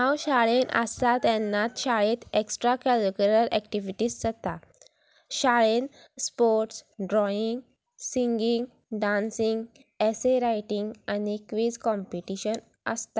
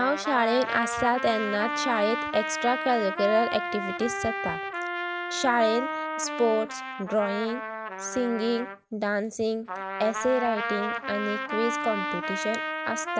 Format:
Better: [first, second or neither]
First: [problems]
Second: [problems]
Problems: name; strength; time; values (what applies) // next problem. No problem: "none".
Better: first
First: none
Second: background sound (Trumpet); 4 dB below the speech